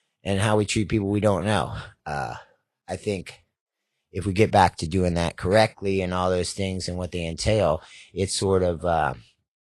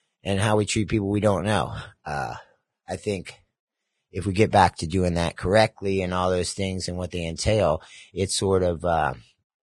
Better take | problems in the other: first | garbled, watery; badly; nothing above 10 kHz; slightly in the first

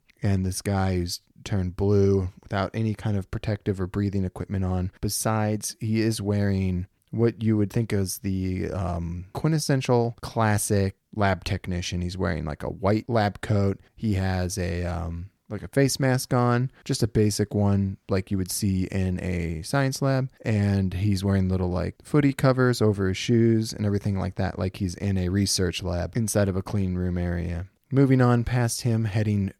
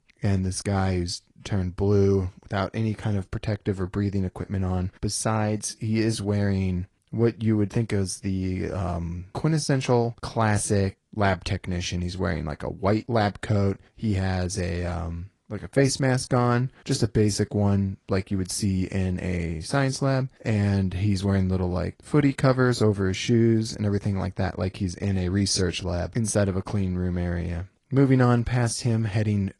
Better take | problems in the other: first | garbled, watery; slightly; nothing above 10.5 kHz

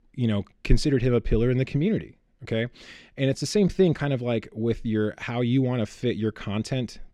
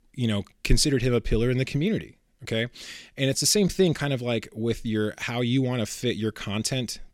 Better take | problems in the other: second | muffled; slightly; fading above 1.5 kHz

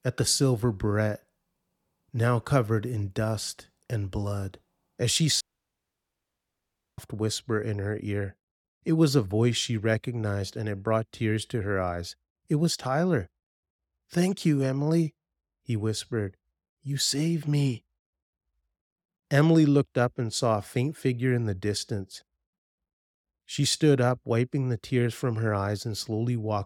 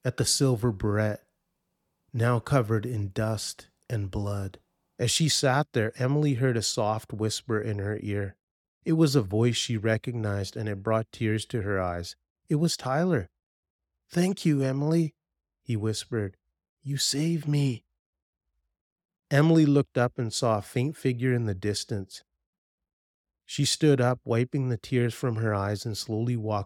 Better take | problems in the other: second | audio cutting out; at 5.5 s for 1.5 s

